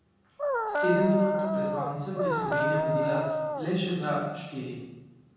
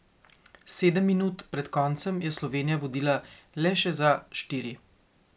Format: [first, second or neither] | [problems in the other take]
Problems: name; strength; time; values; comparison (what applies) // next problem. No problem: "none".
second | background sound (Dog); 2 dB above the speech // room echo; dies away in 1.3 s